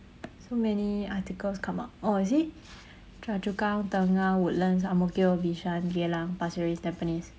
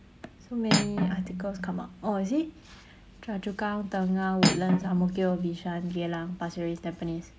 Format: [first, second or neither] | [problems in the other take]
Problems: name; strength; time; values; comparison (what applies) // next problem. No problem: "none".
first | background sound (Cutlery, silverware); 1 dB below the speech